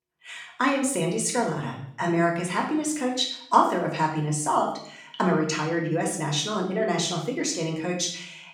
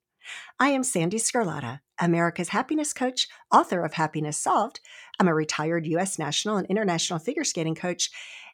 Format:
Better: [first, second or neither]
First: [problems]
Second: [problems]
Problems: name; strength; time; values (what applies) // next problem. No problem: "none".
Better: second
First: room echo; slight; dies away in 0.6 s // off-mic speech; far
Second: none